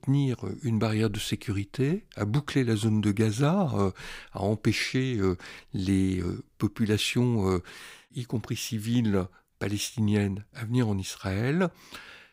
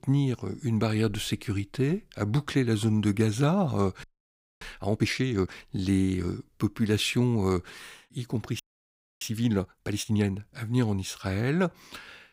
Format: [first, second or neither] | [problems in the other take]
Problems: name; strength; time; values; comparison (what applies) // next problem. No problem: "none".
first | audio freezing; at 4 s for 0.5 s and at 8.5 s for 0.5 s